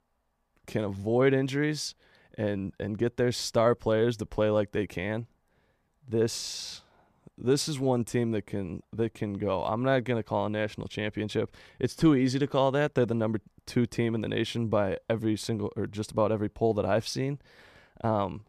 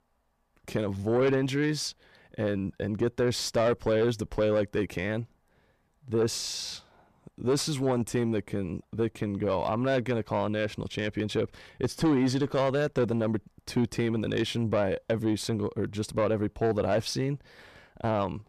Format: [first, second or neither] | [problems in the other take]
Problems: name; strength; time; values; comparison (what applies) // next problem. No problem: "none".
first | distortion; slight; 10 dB below the speech